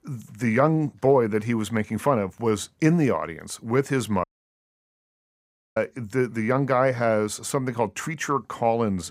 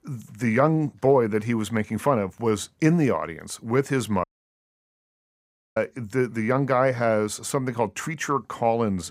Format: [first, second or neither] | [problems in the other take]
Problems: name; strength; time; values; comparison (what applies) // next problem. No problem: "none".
neither | audio cutting out; at 4 s for 1.5 s; the same in both